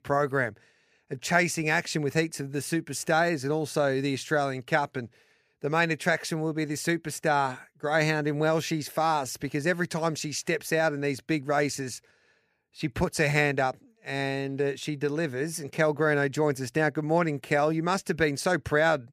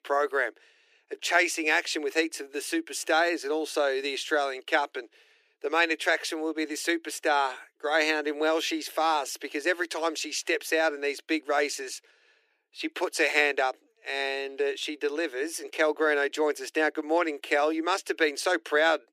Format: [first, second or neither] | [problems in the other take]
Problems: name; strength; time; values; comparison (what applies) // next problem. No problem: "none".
first | thin; very; fading below 300 Hz